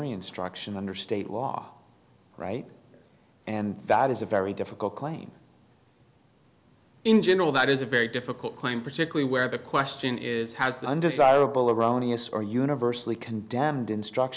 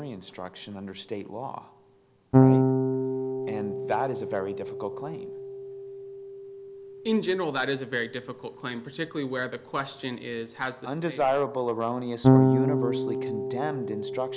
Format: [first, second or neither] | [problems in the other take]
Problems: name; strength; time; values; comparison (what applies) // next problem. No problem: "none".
first | background sound (Electric guitar / Bass guitar); 4 dB above the speech